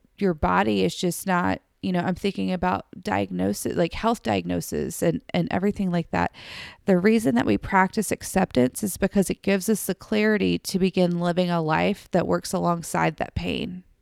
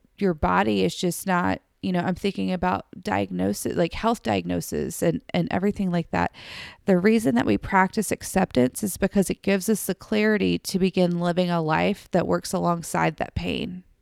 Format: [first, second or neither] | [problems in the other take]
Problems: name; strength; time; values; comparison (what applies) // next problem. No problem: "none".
neither | none